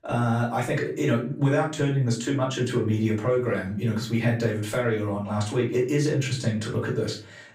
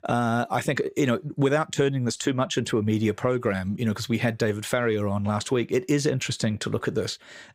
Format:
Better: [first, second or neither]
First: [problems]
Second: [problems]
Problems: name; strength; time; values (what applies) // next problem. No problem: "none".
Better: second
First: off-mic speech; far // room echo; slight; dies away in 0.3 s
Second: none